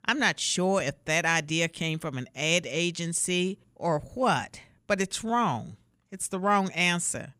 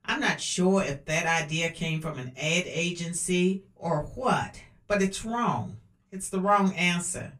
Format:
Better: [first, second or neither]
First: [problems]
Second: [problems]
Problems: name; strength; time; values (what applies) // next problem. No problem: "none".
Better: first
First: none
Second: off-mic speech; far // room echo; very slight; dies away in 0.2 s